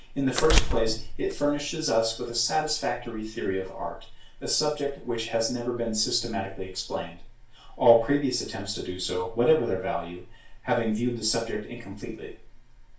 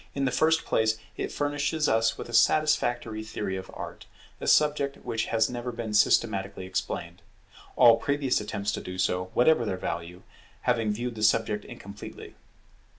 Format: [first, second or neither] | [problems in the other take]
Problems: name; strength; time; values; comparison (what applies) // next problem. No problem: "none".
second | background sound (Door); 2 dB above the speech // room echo; dies away in 0.3 s